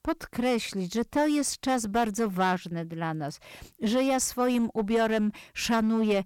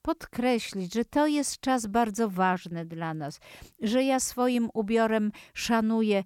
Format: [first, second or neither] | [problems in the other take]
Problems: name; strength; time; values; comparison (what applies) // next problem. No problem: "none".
second | distortion; slight; 7% of the sound clipped